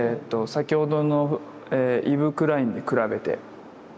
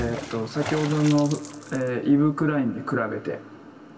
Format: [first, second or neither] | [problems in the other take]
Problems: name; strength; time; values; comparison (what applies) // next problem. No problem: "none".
first | background sound (Water / Splash, splatter); 15 dB below the speech // room echo; dies away in 0.2 s